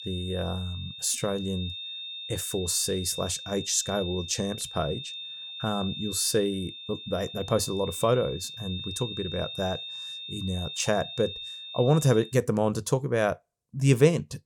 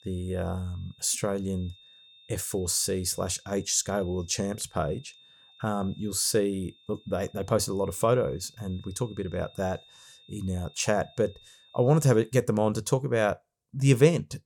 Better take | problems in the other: second | high-pitched whine; loud; until 12 s; 3.5 kHz, 9 dB below the speech; faint in the second

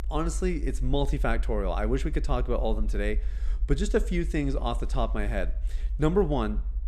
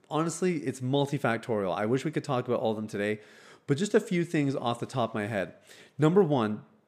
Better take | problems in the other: second | low rumble; faint; throughout; 25 dB below the speech

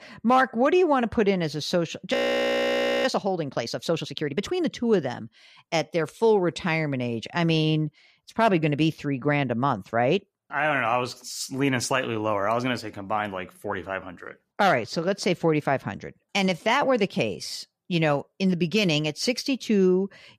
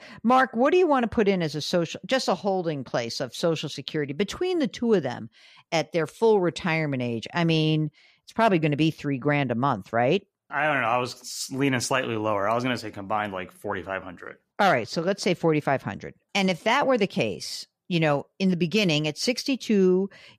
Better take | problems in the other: second | audio freezing; at 2 s for 1 s

